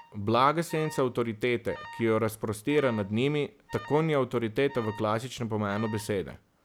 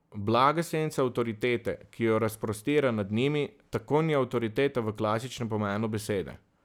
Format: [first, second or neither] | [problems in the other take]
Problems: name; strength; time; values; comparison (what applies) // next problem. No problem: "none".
second | background sound (Alarm); 19 dB below the speech